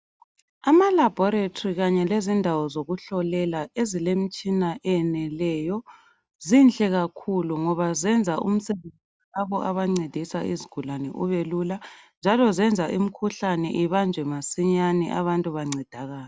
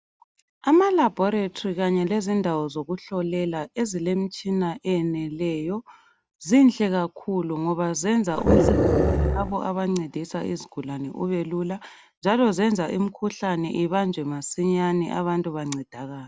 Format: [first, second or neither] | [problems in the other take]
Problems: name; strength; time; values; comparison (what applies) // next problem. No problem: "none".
first | background sound (Growling); 4 dB above the speech